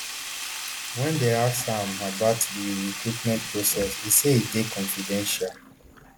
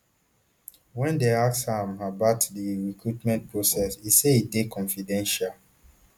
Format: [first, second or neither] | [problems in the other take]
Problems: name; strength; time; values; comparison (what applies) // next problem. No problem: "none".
second | background sound (Sink (filling or washing)); 8 dB below the speech